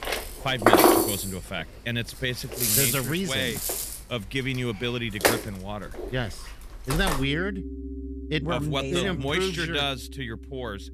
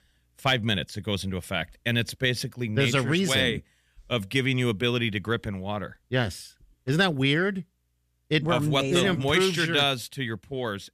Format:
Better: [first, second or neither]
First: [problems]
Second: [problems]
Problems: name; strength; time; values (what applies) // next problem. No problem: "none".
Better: second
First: background music; very loud; throughout; 4 dB above the speech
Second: none